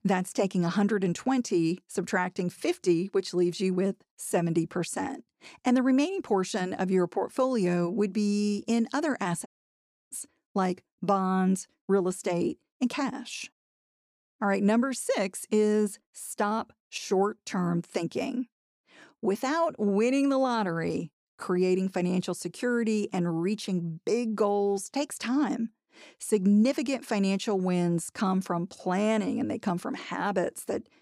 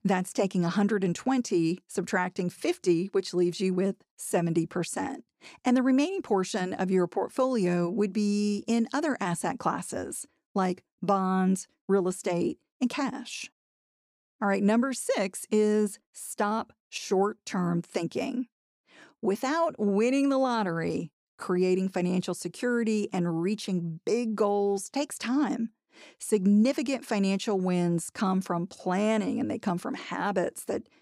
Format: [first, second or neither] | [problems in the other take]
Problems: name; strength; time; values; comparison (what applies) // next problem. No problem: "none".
second | audio cutting out; at 9.5 s for 0.5 s